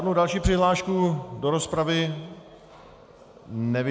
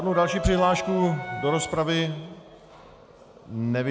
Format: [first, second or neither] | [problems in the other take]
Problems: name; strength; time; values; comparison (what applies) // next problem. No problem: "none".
first | background sound (Wind instrument, woodwind instrument); 8 dB below the speech